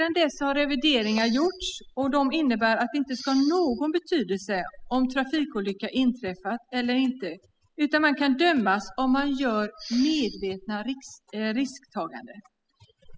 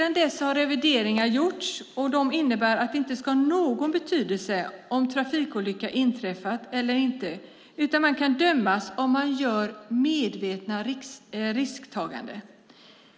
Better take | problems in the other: second | noise reduction (classical method spectral subtraction)

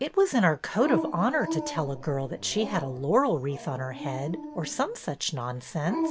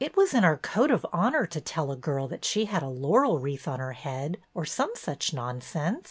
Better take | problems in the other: second | background sound (Dog); 9 dB below the speech

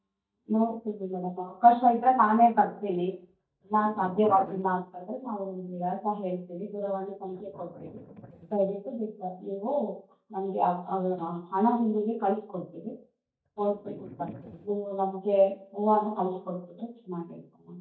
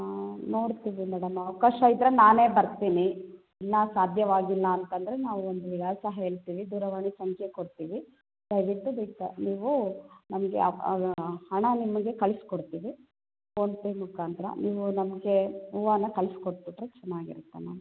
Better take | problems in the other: second | noise reduction (neural mask model DeepFilterNet 3)

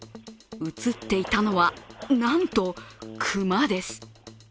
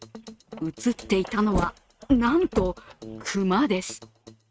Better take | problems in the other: first | noise reduction (neural mask model RNNoise)

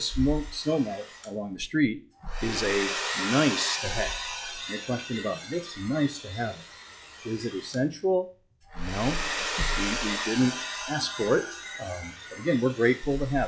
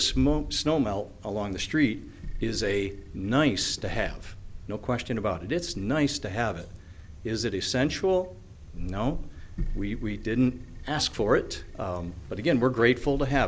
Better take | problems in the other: second | noise reduction (classical method log-MMSE)

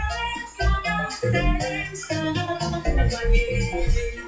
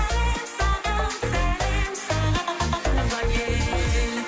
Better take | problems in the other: second | noise reduction (classical method WPE with log-MMSE)

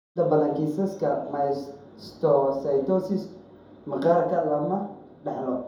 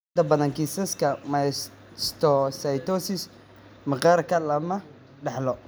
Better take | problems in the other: second | room echo; dies away in 2.6 s

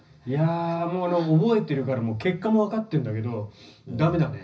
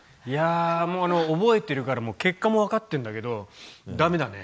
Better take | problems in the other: second | room echo; dies away in 0.4 s

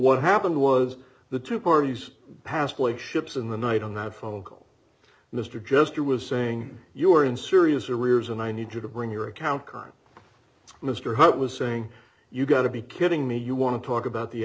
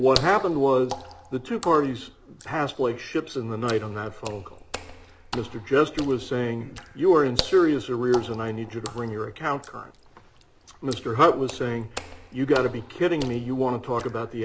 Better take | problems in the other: first | background sound (Water / Splash, splatter); 14 dB below the speech

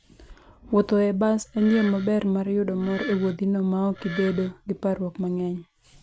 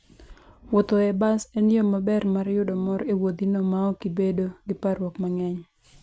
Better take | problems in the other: second | background sound (Wood); 15 dB below the speech

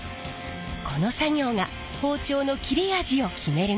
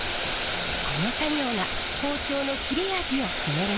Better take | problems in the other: first | background sound (Boiling); 1 dB below the speech

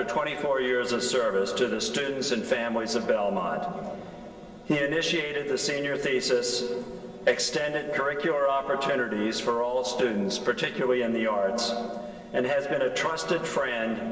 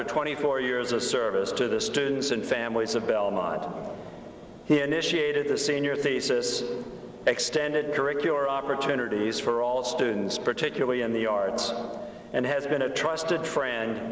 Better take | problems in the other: second | room echo; dies away in 0.5 s

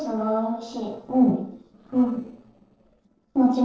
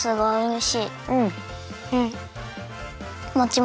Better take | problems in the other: second | noise reduction (neural separator model SepFormer DNS4)

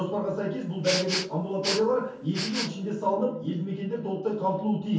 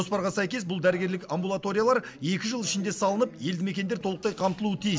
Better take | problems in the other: second | background sound (Respiratory sounds); 6 dB below the speech // room echo; dies away in 0.6 s

